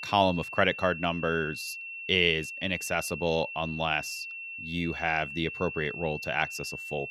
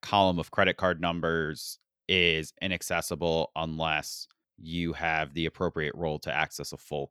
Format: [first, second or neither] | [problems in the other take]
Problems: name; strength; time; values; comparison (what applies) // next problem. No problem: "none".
second | high-pitched whine; loud; throughout; 2.5 kHz, 8 dB below the speech